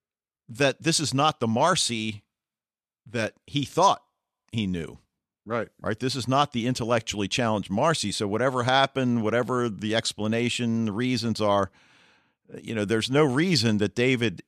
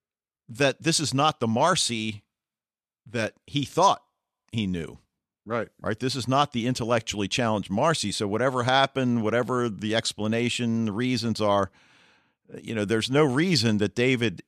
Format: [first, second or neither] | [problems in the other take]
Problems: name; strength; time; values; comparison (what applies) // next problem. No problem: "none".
neither | none